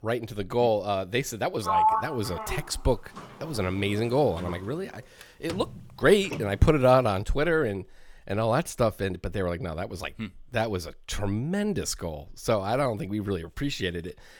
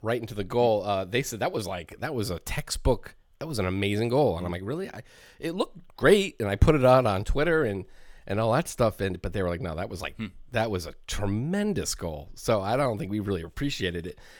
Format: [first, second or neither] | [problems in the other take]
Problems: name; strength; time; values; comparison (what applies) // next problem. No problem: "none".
second | door banging; loud; from 1.5 to 6.5 s; peak 5 dB above the speech